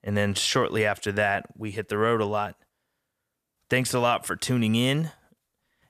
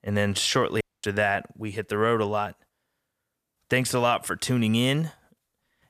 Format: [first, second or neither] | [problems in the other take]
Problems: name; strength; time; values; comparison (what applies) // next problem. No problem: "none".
first | audio cutting out; at 1 s